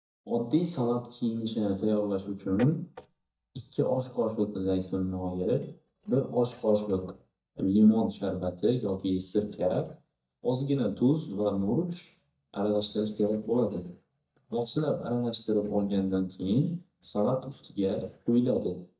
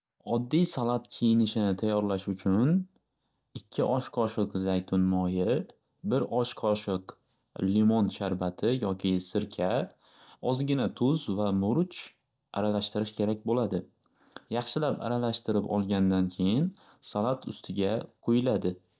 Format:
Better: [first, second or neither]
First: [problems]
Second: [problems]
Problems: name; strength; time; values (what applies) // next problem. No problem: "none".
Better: second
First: noise reduction (neural mask model DeepFilterNet 3)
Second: none